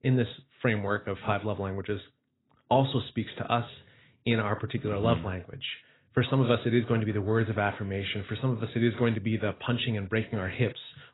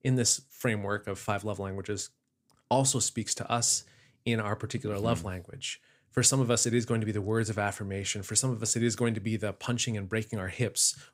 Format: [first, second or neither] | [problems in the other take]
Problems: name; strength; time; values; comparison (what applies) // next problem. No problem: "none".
second | garbled, watery; badly; nothing above 4 kHz